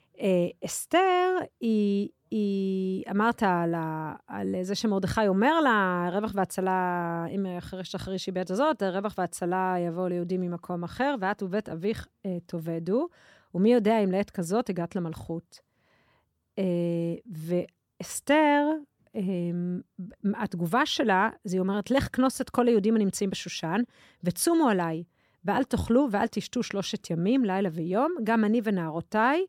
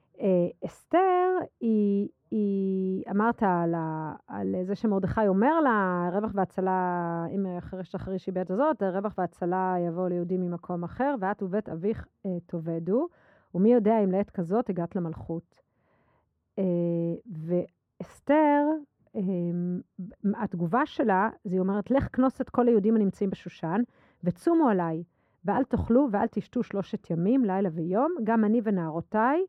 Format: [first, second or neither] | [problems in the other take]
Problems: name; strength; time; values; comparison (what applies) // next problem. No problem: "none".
first | muffled; very; fading above 2.5 kHz